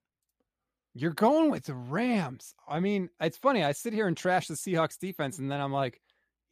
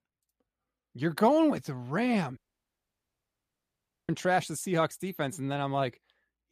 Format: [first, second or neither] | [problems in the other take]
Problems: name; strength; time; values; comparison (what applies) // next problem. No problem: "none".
first | audio cutting out; at 2.5 s for 1.5 s